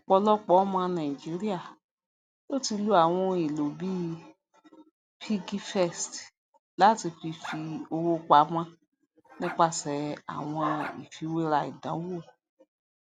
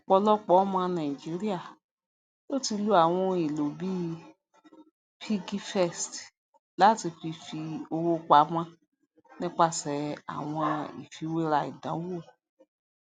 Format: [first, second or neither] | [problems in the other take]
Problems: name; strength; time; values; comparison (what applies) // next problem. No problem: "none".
second | background sound (Bark); 16 dB below the speech